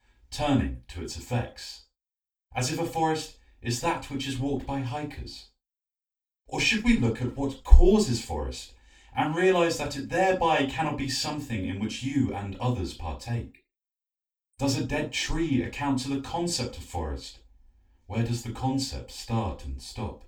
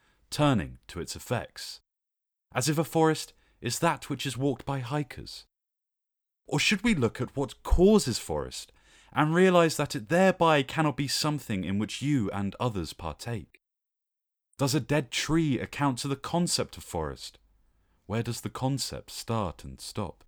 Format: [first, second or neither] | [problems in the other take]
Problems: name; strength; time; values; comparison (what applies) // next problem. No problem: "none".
second | room echo; slight; dies away in 0.2 s // off-mic speech; far